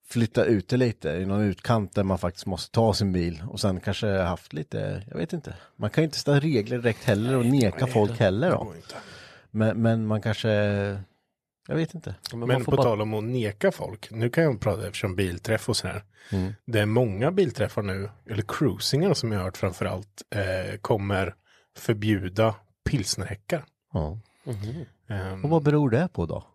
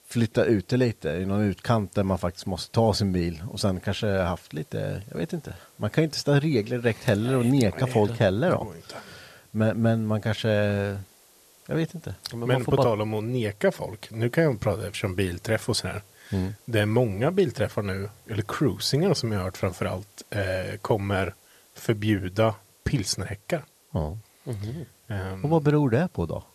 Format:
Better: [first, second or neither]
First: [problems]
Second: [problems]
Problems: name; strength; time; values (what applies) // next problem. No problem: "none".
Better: first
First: none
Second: hiss; faint; throughout; 30 dB below the speech